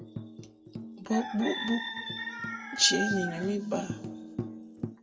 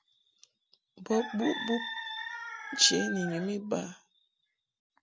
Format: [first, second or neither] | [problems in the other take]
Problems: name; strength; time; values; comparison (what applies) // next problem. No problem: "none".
second | background sound (Tambourine); 10 dB below the speech // room echo; dies away in 1.7 s